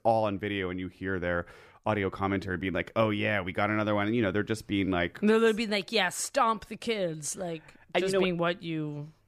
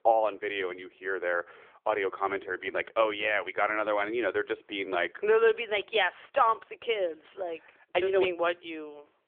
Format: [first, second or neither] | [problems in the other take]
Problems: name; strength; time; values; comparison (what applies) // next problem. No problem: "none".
first | phone-call audio; nothing above 3.5 kHz